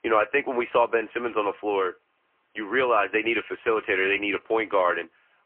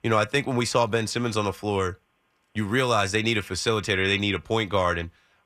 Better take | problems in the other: second | phone-call audio; poor line

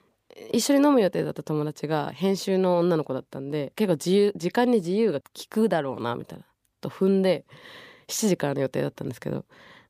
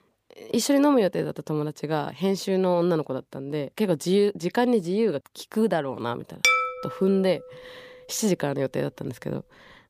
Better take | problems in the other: first | clattering dishes; loud; at 6.5 s; peak 5 dB above the speech

